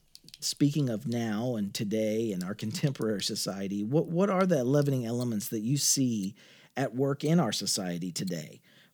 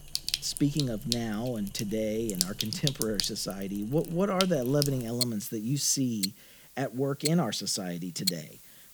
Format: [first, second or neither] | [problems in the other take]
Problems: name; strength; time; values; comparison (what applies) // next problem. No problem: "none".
first | household noises; loud; throughout; 3 dB below the speech; faint in the first